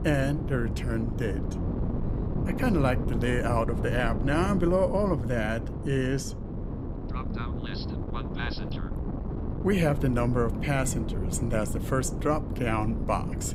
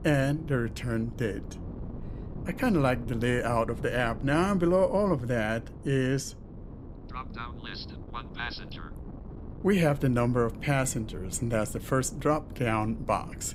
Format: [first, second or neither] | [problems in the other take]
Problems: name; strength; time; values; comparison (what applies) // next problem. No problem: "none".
second | wind noise on the microphone; heavy; 9 dB below the speech; occasional gusts in the second